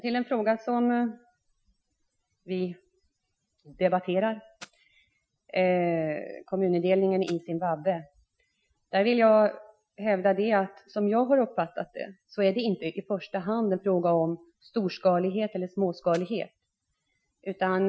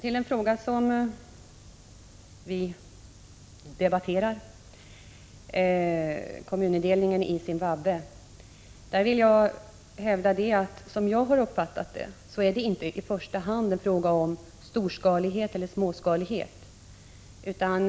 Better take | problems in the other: second | noise reduction (classical method Wiener filter)

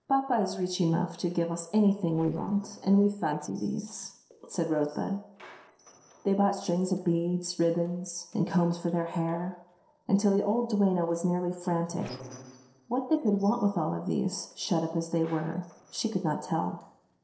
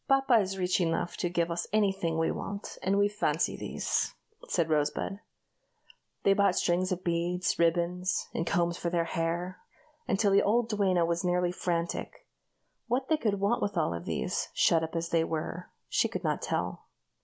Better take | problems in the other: second | noise reduction (neural separator model SepFormer DNS4)

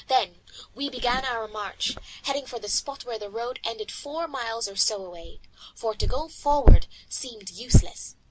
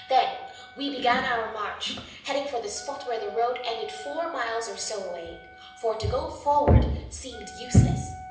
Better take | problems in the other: first | background sound (Wind instrument, woodwind instrument); 19 dB below the speech // room echo; dies away in 0.8 s

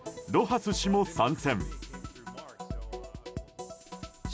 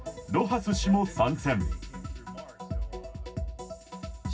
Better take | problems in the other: first | room echo; dies away in 0.4 s

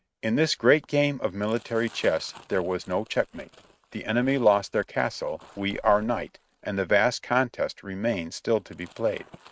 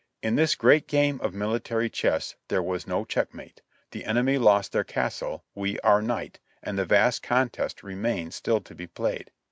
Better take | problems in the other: second | noise reduction (neural mask model RNNoise)

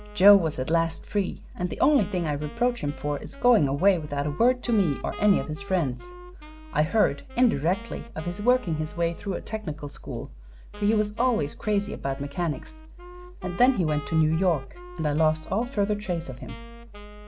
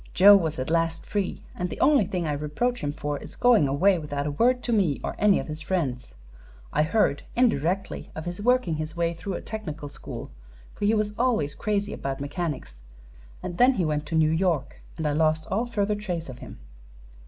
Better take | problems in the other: second | background sound (Wind instrument, woodwind instrument); 19 dB below the speech

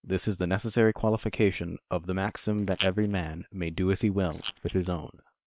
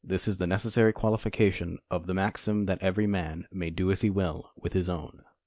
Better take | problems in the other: second | noise reduction (neural separator model SepFormer WHAM!)

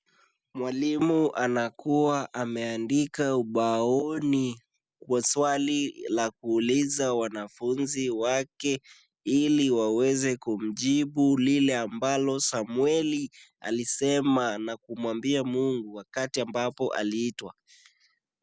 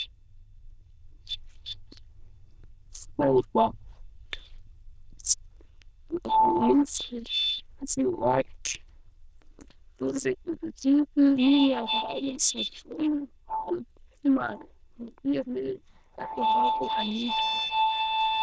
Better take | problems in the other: first | noise reduction (neural diffusion model UNIVERSE++)

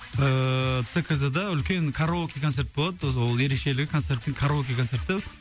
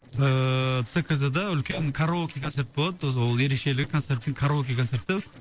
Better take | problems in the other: first | noise reduction (neural separator model SepFormer DNS4)

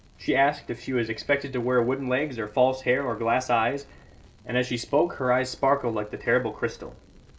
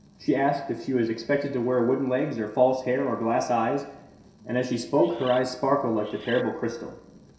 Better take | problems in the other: first | background sound (Bird); 18 dB below the speech // room echo; dies away in 0.7 s

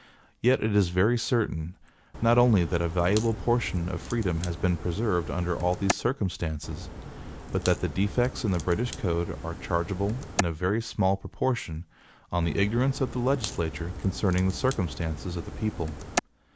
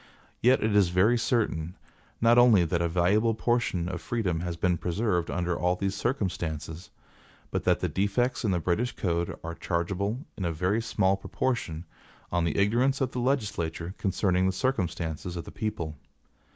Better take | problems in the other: second | background sound (Crack); 9 dB below the speech

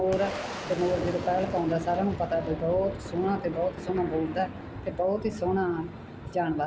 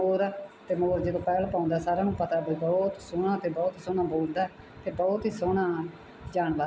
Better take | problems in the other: second | background sound (Boom); 9 dB below the speech

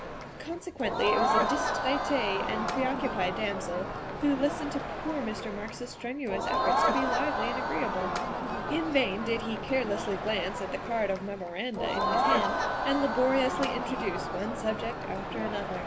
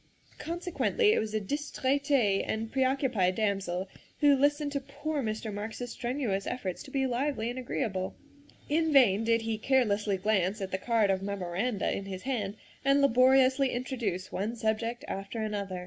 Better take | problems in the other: second | background sound (Crowd); 1 dB above the speech

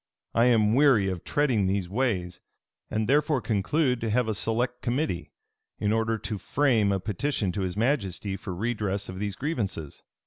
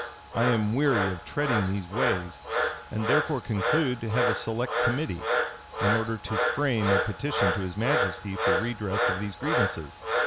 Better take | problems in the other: first | background sound (Frog); as loud as the speech

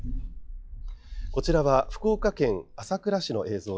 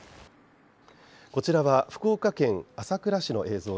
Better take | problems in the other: second | noise reduction (classical method log-MMSE)

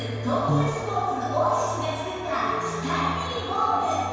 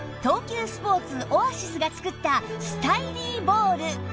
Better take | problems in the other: second | background sound (Brass instrument); 1 dB below the speech // room echo; dies away in 1.9 s

